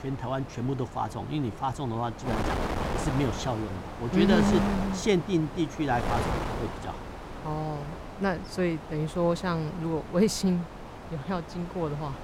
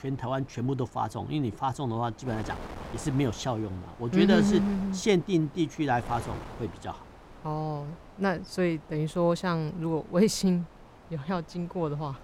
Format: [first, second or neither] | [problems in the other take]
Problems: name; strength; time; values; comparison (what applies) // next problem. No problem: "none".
second | wind noise on the microphone; heavy; 5 dB below the speech; occasional gusts in the second